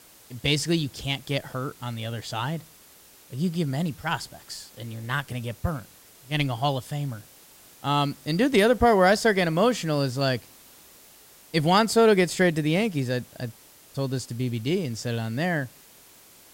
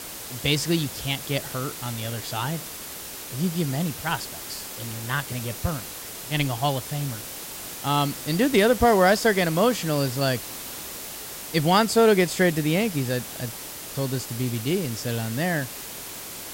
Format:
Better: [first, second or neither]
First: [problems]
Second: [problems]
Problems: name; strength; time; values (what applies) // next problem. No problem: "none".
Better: first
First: hiss; faint; throughout; 25 dB below the speech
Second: hiss; loud; throughout; 10 dB below the speech